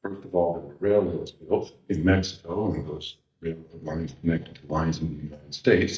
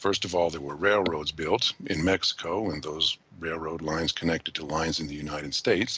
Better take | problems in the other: second | noise reduction (neural mask model DeepFilterNet 3)

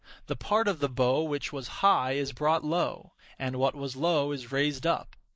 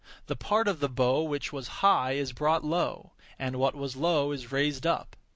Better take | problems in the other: second | noise reduction (neural mask model Resemble Enhance denoiser)

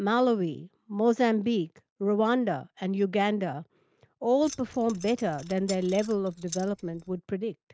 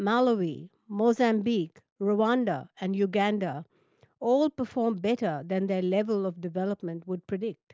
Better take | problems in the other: second | noise reduction (neural mask model RNNoise)

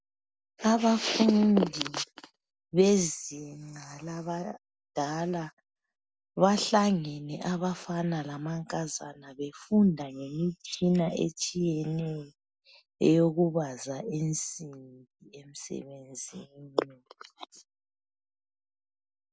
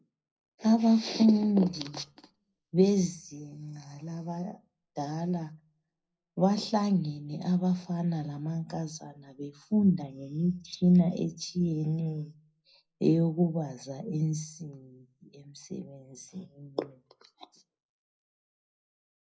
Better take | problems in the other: first | room echo; dies away in 0.4 s

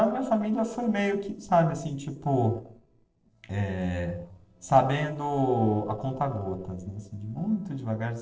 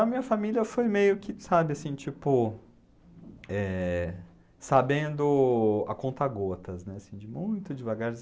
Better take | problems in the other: second | noise reduction (neural separator model SepFormer DNS4)

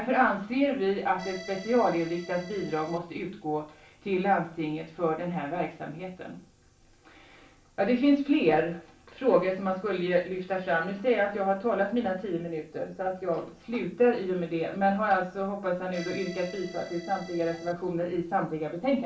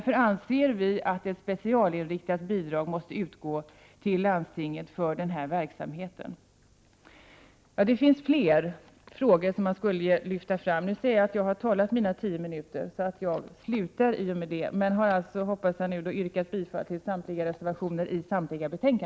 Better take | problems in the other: second | background sound (Accordion); 16 dB below the speech // room echo; dies away in 0.3 s

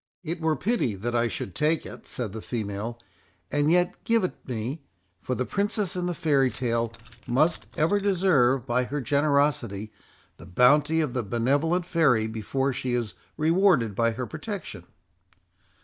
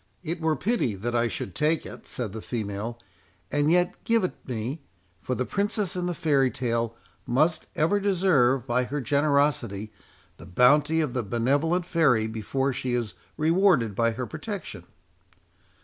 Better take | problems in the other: second | noise reduction (neural mask model DeepFilterNet 3)

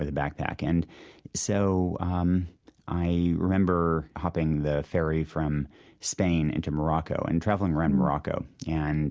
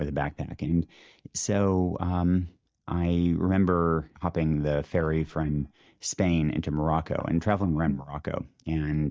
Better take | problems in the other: first | noise reduction (neural mask model DeepFilterNet 3)

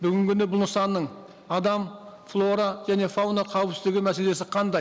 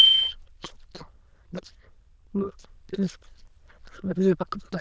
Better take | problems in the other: first | noise reduction (neural diffusion model UNIVERSE++)

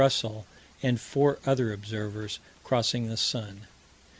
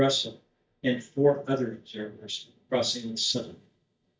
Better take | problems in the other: first | noise reduction (neural mask model DeepFilterNet 3)

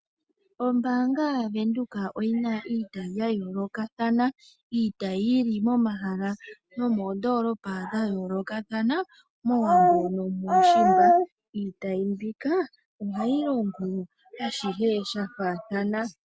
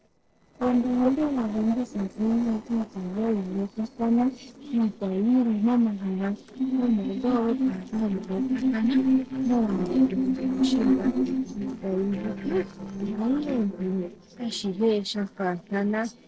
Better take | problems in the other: first | noise reduction (neural separator model SepFormer DNS4)

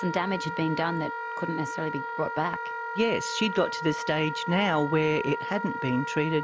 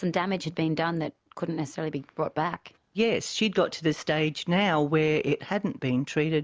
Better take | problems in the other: second | background sound (Wind instrument, woodwind instrument); 5 dB below the speech

